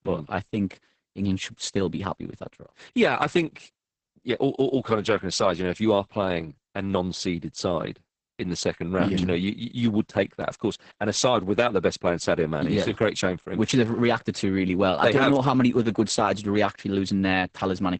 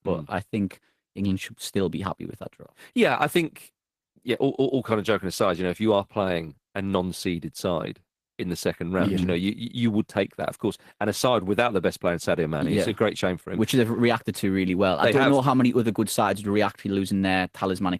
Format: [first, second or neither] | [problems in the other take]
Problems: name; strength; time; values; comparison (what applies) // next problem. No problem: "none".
second | garbled, watery; badly; nothing above 8 kHz; slightly in the second